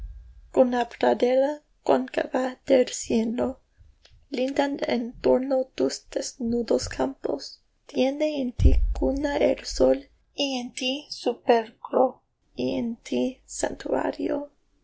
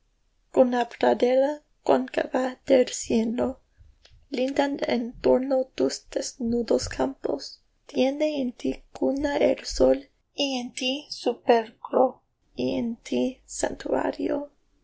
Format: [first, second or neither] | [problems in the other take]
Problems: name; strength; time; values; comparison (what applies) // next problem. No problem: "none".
second | background sound (Bass drum); 8 dB below the speech